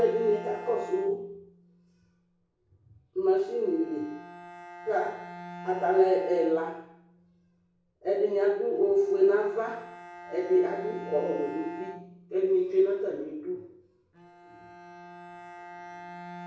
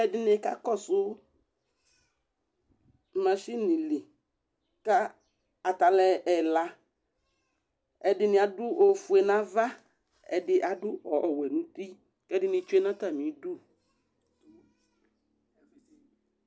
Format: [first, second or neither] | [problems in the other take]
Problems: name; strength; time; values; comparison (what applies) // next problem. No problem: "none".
second | background sound (Bowed string instrument); 16 dB below the speech // room echo; dies away in 0.6 s